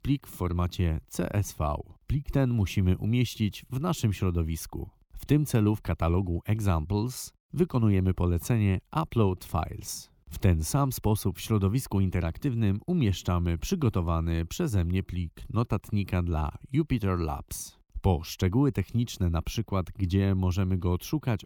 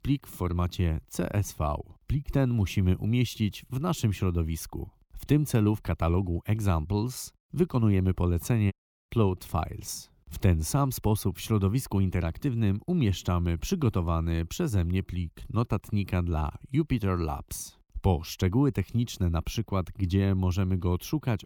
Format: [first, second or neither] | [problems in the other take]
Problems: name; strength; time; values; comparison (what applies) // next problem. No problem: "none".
first | audio cutting out; at 8.5 s